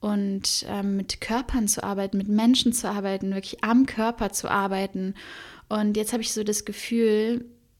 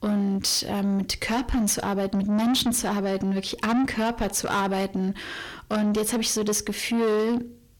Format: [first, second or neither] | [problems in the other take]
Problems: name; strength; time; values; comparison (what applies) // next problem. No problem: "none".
first | distortion; heavy; 7 dB below the speech